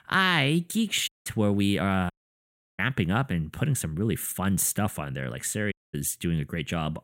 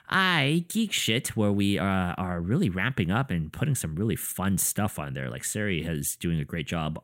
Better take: second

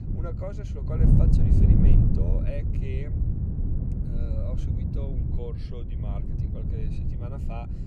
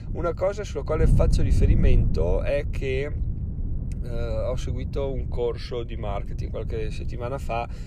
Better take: second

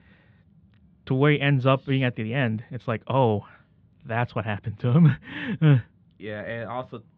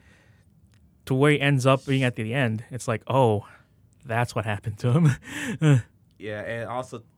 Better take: second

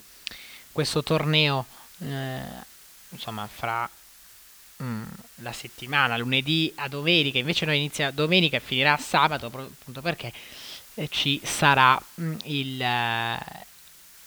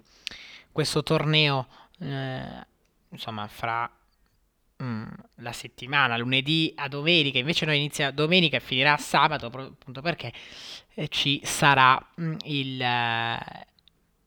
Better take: second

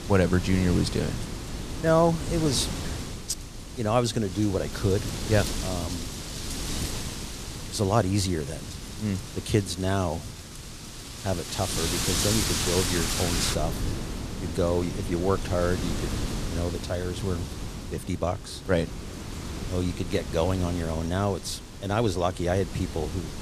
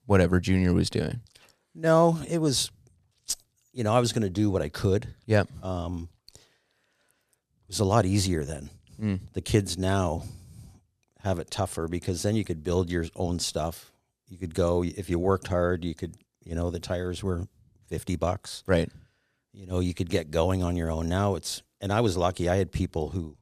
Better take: second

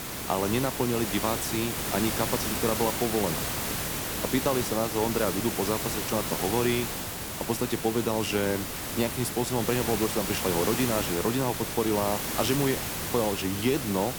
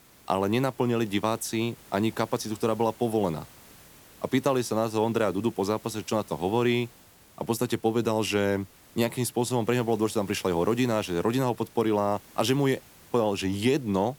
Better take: second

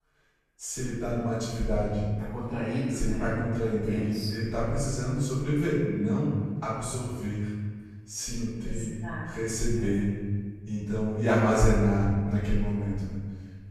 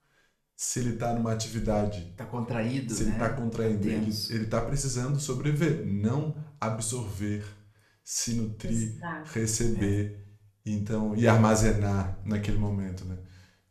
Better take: second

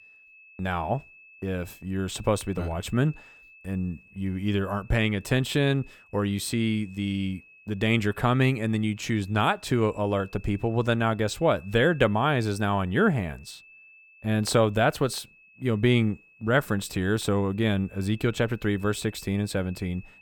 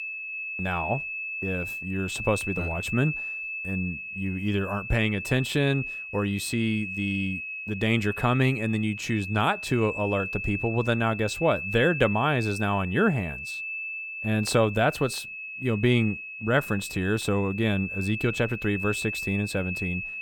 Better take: first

